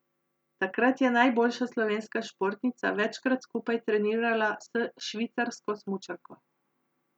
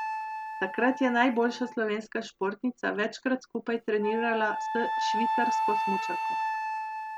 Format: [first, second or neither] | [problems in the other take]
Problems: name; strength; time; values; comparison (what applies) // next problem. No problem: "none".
first | background sound (Wind instrument, woodwind instrument); 3 dB below the speech